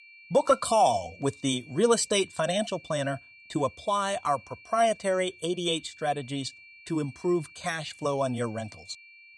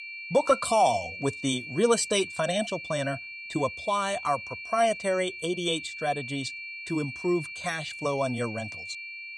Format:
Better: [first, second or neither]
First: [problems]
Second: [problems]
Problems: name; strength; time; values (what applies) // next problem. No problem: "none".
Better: first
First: high-pitched whine; faint; throughout; 2.5 kHz, 20 dB below the speech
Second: high-pitched whine; loud; throughout; 2.5 kHz, 9 dB below the speech